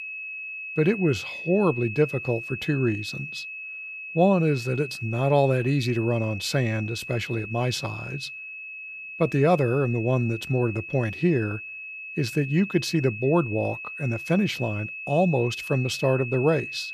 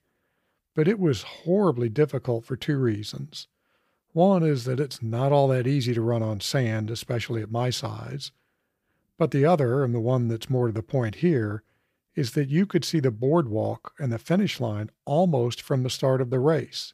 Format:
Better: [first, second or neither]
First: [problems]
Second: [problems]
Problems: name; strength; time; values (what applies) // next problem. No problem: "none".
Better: second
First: high-pitched whine; loud; throughout; 2.5 kHz, 9 dB below the speech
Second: none